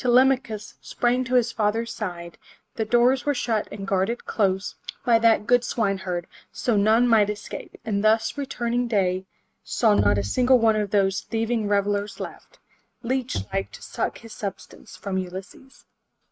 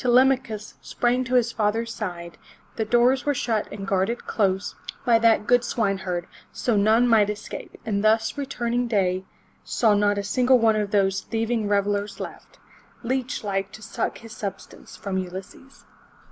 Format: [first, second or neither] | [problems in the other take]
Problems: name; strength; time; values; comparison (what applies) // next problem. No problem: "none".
second | noise reduction (neural mask model RNNoise)